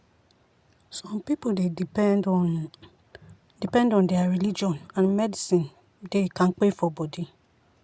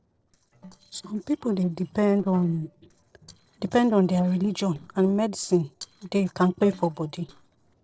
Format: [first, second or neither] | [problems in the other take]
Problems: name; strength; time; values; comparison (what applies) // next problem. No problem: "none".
first | noise reduction (neural separator model SepFormer DNS4)